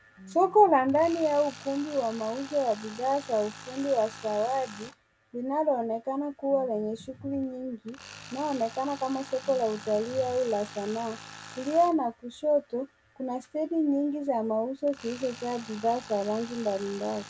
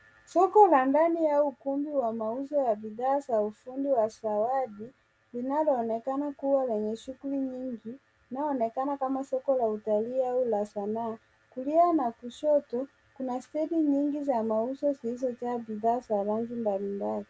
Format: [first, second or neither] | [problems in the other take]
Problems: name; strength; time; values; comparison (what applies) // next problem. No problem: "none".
second | background sound (Tools + Bass guitar); 18 dB below the speech